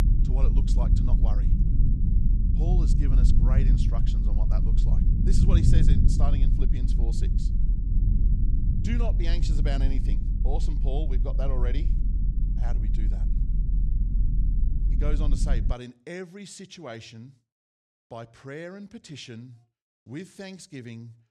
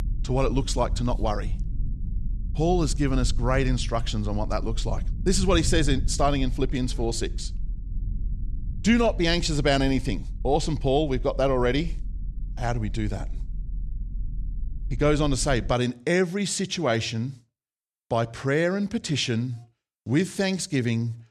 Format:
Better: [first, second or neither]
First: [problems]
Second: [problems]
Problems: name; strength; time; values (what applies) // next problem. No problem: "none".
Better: second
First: low rumble; loud; until 16 s; 1 dB below the speech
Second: low rumble; faint; until 16 s; 25 dB below the speech